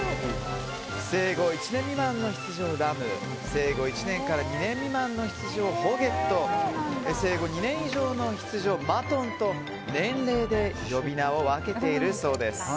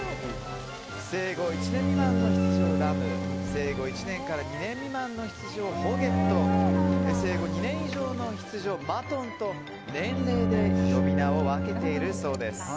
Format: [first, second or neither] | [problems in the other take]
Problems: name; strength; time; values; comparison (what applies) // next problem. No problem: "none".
first | background sound (Bowed string instrument); 3 dB above the speech